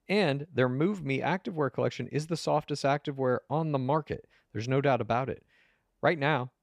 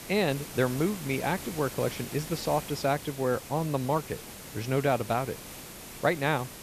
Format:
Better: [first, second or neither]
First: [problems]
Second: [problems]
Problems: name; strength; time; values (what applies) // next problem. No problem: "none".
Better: first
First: none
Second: hiss; noticeable; throughout; 10 dB below the speech